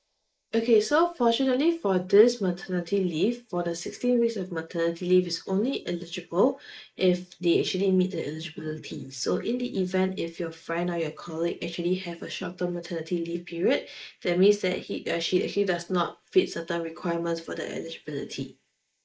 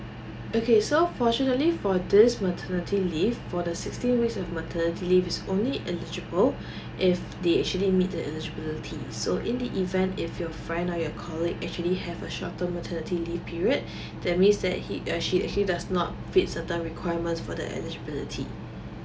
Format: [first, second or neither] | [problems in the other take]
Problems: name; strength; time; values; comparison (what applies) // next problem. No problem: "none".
second | noise reduction (neural mask model Resemble Enhance denoiser)